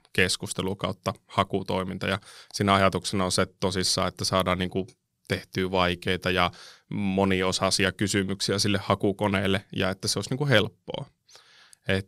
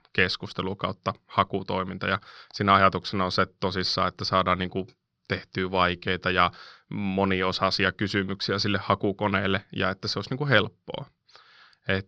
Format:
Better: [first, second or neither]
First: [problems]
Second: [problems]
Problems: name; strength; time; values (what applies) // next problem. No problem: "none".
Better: first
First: none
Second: muffled; very slightly; fading above 5 kHz